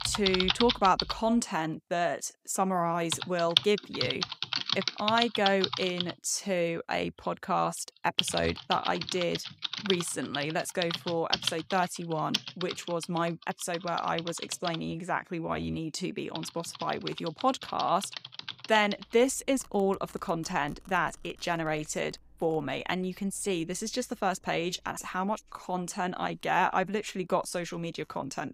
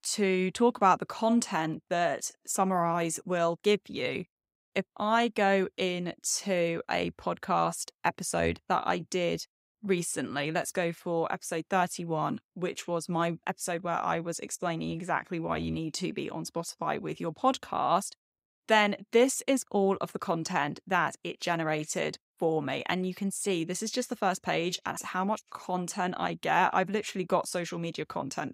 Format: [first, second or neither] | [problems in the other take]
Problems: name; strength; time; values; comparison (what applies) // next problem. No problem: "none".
second | household noises; loud; throughout; 3 dB below the speech